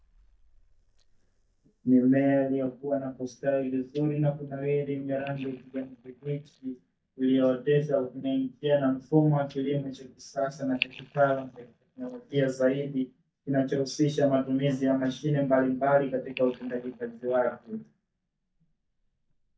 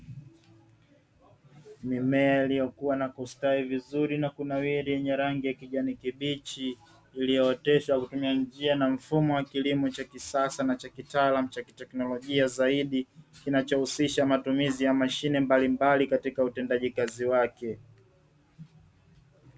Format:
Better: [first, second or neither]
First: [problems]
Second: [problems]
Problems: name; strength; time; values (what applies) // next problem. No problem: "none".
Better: second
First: noise reduction (neural mask model DeepFilterNet 3)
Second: none